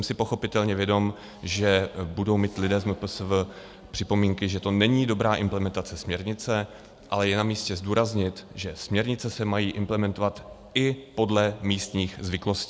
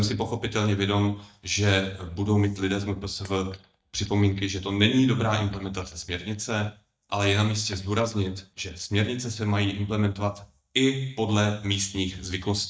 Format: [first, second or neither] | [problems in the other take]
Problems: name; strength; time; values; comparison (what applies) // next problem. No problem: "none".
first | noise reduction (neural mask model DeepFilterNet 3)